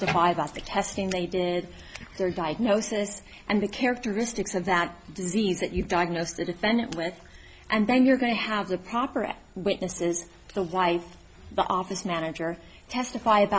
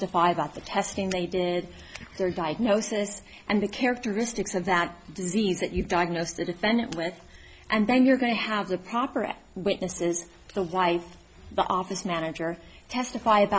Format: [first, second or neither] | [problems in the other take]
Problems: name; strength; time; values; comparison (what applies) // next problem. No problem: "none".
second | background sound (Bathtub (filling or washing)); 18 dB below the speech